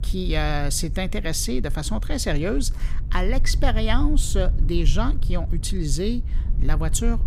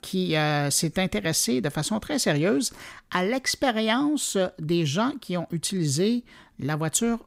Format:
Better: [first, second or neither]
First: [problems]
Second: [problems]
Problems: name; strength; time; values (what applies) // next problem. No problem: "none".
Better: second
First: low rumble; noticeable; throughout; 20 dB below the speech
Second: none